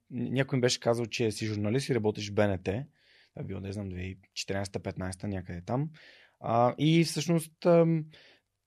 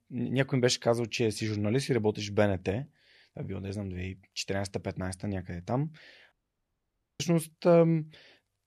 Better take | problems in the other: first | audio cutting out; at 6.5 s for 1 s

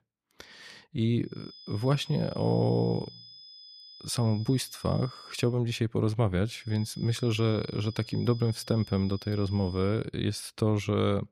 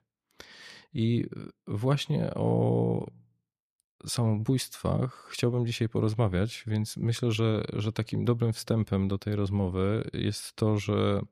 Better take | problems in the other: second | high-pitched whine; noticeable; from 1.5 to 5.5 s and from 6.5 to 10 s; 5 kHz, 20 dB below the speech

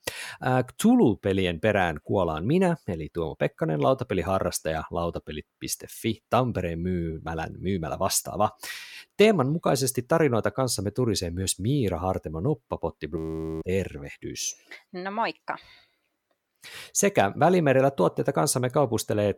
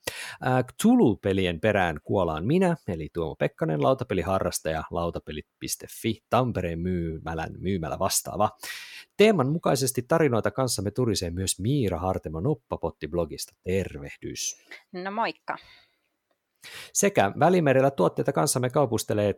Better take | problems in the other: second | audio freezing; at 13 s

